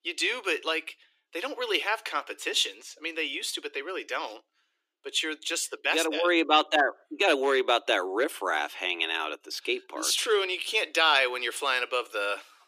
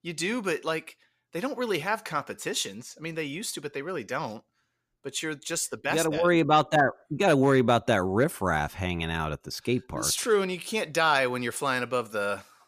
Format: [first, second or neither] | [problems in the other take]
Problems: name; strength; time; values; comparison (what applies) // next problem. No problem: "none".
second | thin; somewhat; fading below 300 Hz